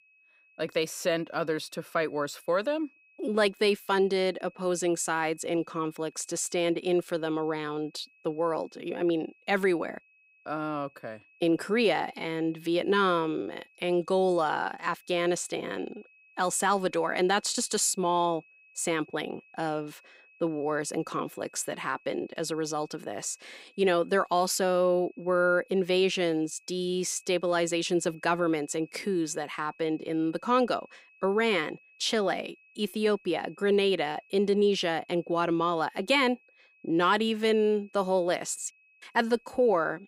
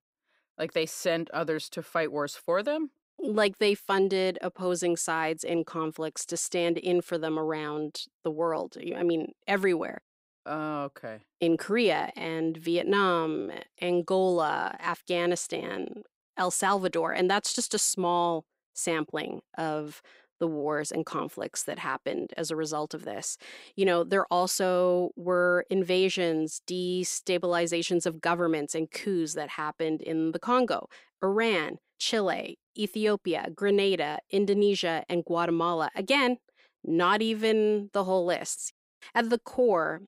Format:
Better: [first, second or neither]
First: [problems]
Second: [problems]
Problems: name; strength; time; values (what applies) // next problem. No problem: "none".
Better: second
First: high-pitched whine; faint; throughout; 2.5 kHz, 30 dB below the speech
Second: none